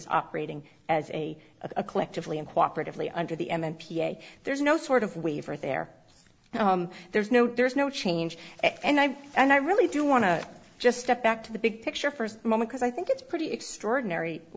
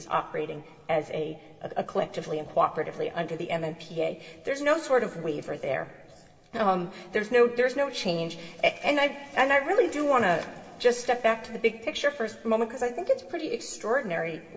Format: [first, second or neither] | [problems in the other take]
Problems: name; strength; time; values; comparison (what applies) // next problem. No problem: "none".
first | room echo; dies away in 1.7 s